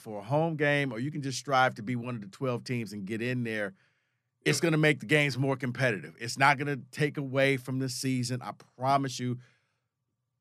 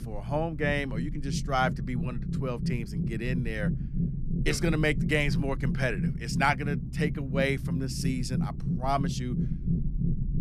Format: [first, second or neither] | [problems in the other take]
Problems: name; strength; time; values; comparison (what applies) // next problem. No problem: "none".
first | low rumble; noticeable; throughout; 10 dB below the speech